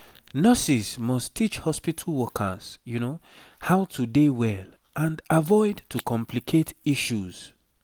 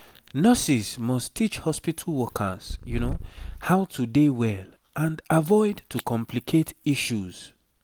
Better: first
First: none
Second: background sound (Purr); 10 dB below the speech

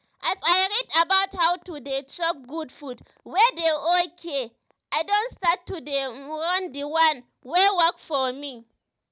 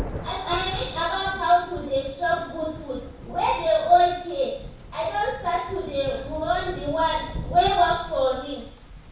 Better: first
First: none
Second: background sound (Thunder); 12 dB below the speech // room echo; dies away in 0.7 s

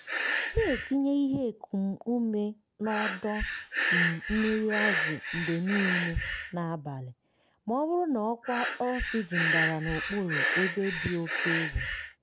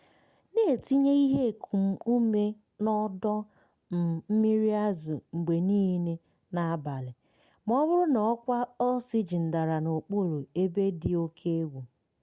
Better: second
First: background sound (Breathing); 2 dB below the speech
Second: none

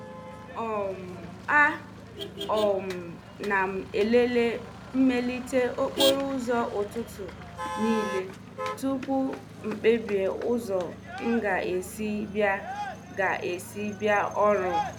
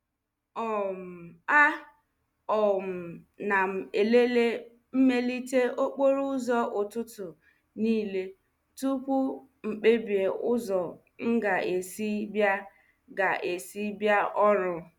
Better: second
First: background sound (Motor vehicle (road)); 10 dB below the speech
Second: none

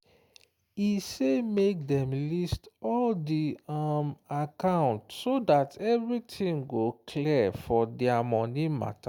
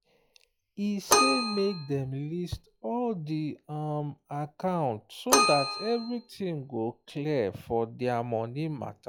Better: first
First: none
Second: noise reduction (classical method log-MMSE)

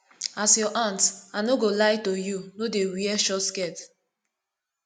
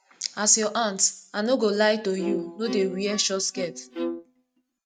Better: first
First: none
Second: noise reduction (neural mask model RNNoise)

